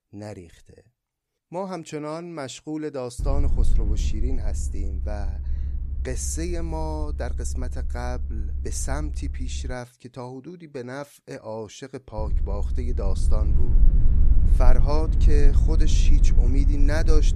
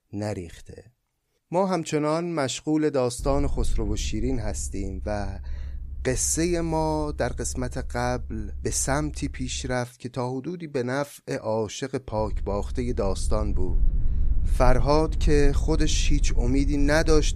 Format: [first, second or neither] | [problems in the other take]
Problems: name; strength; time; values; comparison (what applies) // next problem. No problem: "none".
second | low rumble; loud; from 3 to 9.5 s and from 12 s on; 10 dB below the speech; faint in the second